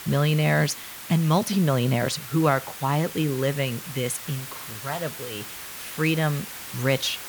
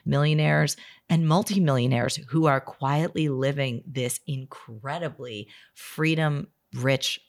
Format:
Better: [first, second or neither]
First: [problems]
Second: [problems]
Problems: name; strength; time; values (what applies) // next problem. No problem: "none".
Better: second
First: hiss; noticeable; throughout; 10 dB below the speech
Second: none